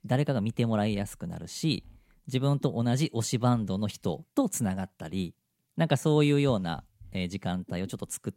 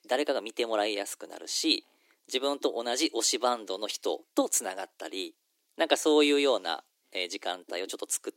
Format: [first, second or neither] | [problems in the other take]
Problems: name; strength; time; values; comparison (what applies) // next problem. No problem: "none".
first | thin; somewhat; fading below 300 Hz